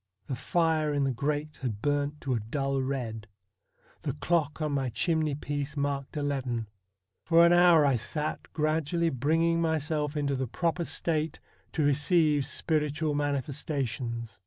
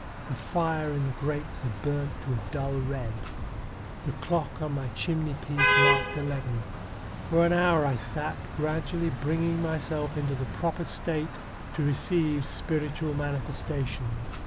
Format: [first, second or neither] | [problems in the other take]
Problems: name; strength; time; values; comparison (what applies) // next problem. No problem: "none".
first | background sound (Traffic noise, roadway noise / Vehicle horn, car horn, honking); 3 dB below the speech